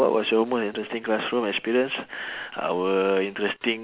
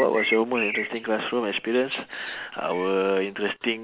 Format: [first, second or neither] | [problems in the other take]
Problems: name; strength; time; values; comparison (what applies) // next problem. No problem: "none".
first | noise reduction (neural mask model Resemble Enhance denoiser)